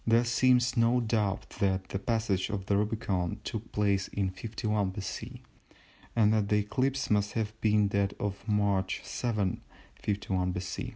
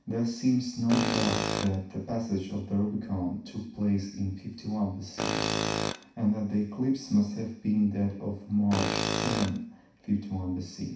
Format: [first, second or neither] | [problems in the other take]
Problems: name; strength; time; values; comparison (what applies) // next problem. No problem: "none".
first | background sound (Tools); 2 dB below the speech // room echo; dies away in 0.6 s